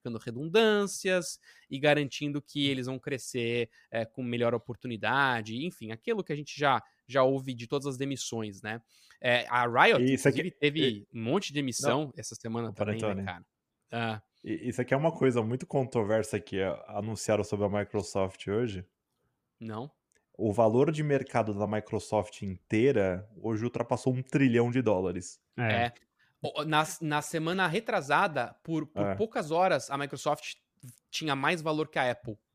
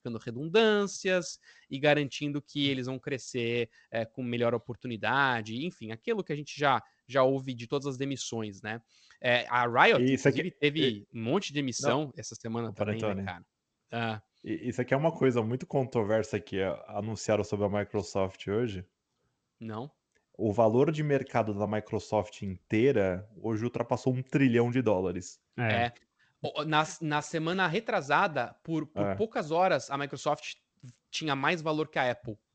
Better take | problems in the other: first | garbled, watery; slightly; nothing above 7.5 kHz

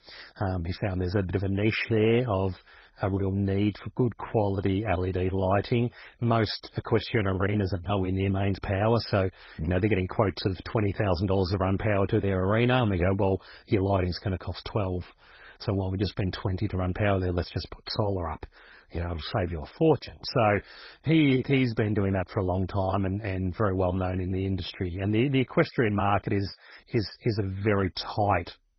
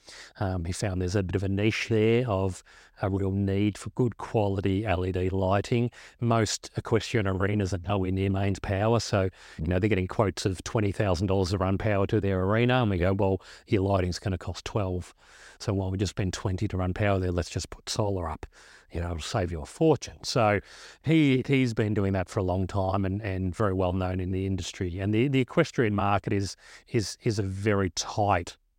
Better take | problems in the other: second | garbled, watery; badly; nothing above 5.5 kHz

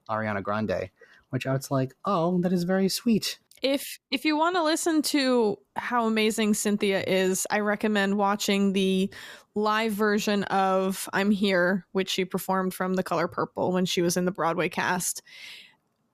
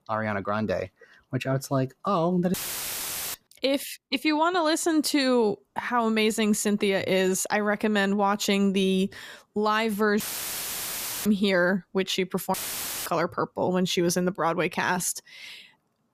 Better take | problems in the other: first | audio cutting out; filled with static; at 2.5 s for 1 s, at 10 s for 1 s and at 13 s for 0.5 s

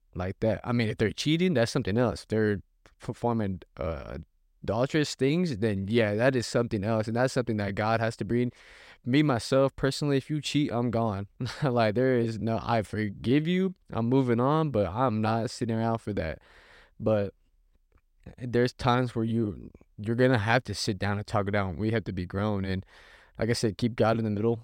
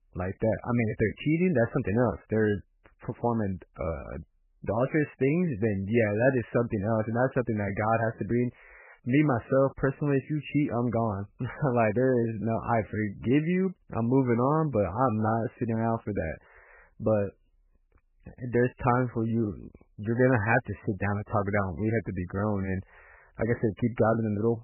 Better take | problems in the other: first | garbled, watery; badly; nothing above 3 kHz

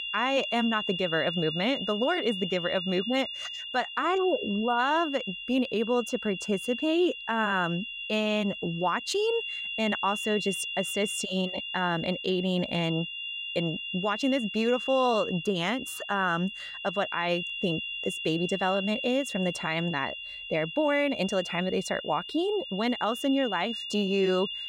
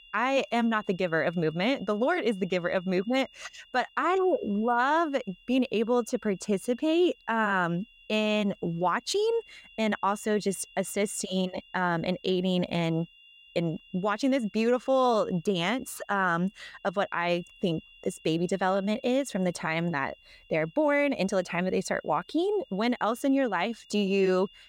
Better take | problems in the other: second | high-pitched whine; loud; throughout; 3 kHz, 6 dB below the speech; faint in the second

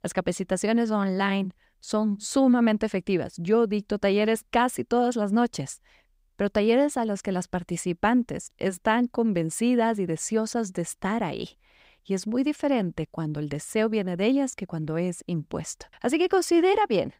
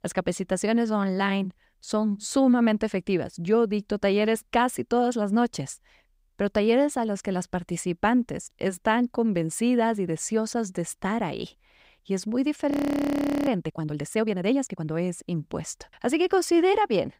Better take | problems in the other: first | audio freezing; at 13 s for 1 s

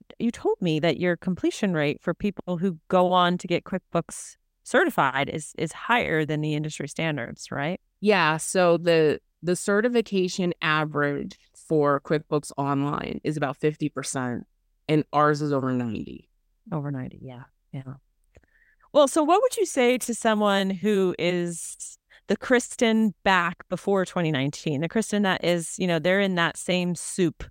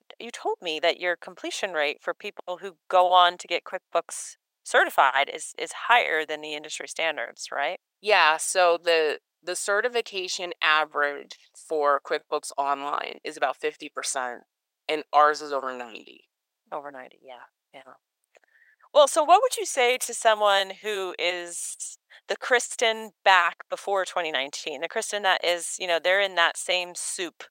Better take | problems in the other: first | thin; very; fading below 550 Hz

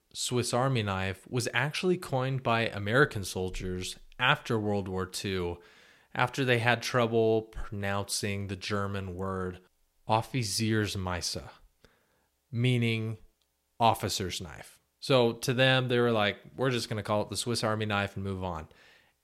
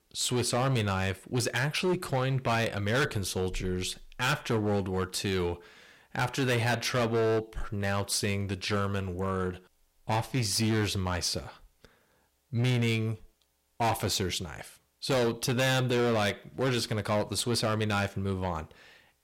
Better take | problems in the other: first | distortion; heavy; 11% of the sound clipped

